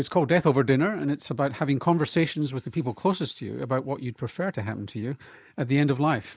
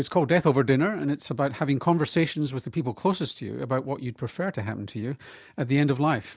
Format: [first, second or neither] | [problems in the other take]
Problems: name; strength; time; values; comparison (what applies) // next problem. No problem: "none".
second | noise reduction (neural mask model Resemble Enhance denoiser)